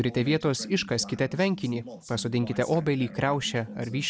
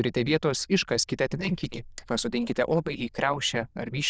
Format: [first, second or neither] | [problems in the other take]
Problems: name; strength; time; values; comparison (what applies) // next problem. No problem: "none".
first | noise reduction (neural diffusion model UNIVERSE++)